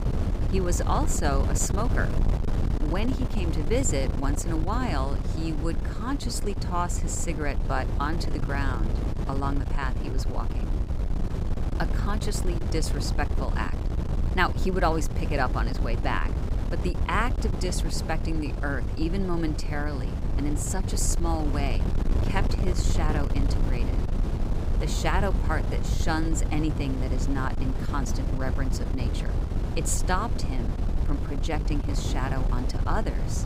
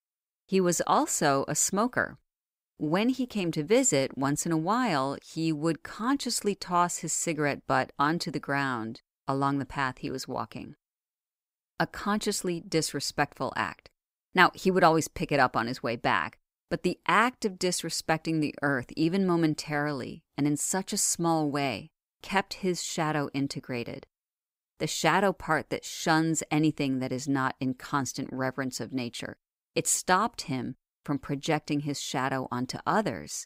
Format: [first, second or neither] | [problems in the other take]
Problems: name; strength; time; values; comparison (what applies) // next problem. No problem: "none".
second | wind noise on the microphone; heavy; 7 dB below the speech